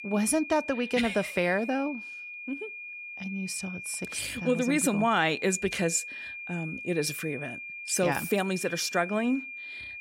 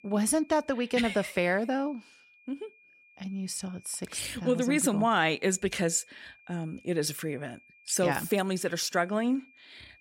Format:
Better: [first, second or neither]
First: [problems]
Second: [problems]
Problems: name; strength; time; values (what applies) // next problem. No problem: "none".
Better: second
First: high-pitched whine; loud; throughout; 2.5 kHz, 9 dB below the speech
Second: high-pitched whine; faint; throughout; 2.5 kHz, 30 dB below the speech